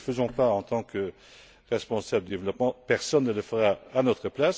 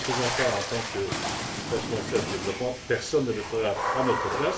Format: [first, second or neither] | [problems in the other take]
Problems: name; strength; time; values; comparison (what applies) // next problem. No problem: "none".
first | background sound (Water / Splash, splatter); 2 dB below the speech // room echo; dies away in 0.3 s